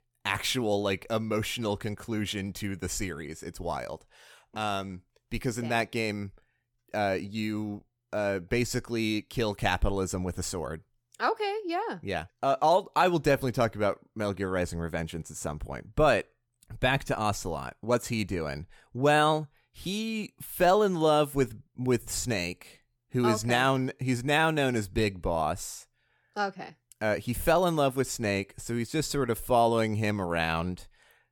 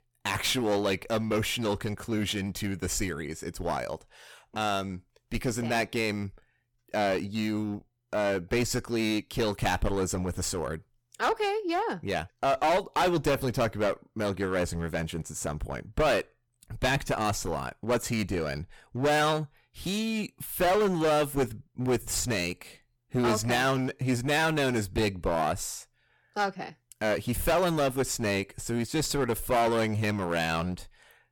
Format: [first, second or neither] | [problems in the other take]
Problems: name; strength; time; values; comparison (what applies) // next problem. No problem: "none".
first | distortion; heavy; 11% of the sound clipped